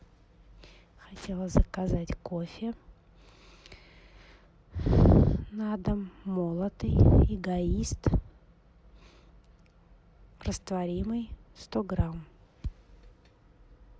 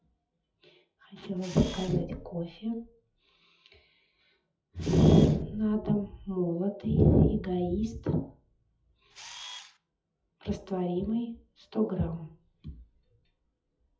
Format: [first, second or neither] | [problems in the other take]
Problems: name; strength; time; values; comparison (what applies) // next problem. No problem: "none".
first | noise reduction (classical method WPE with log-MMSE)